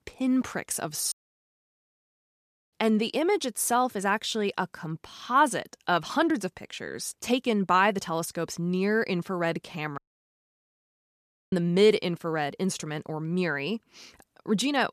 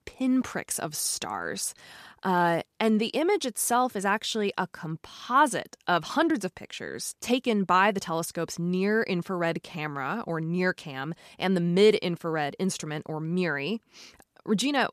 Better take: second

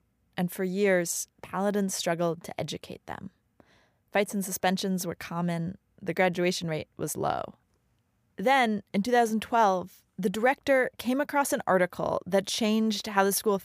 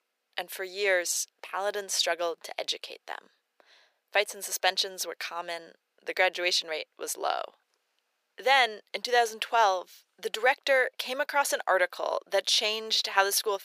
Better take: first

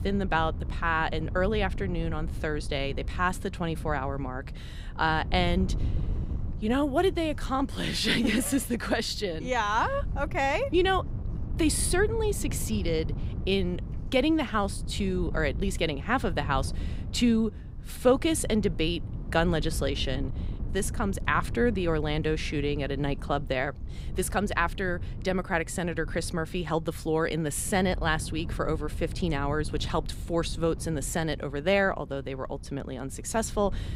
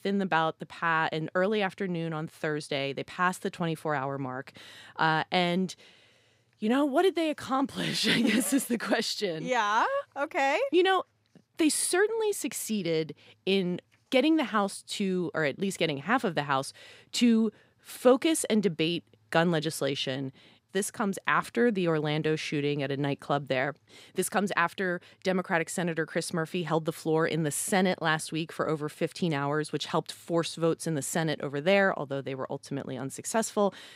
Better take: second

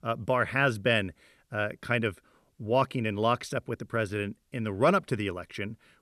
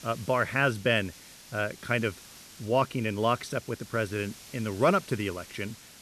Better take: first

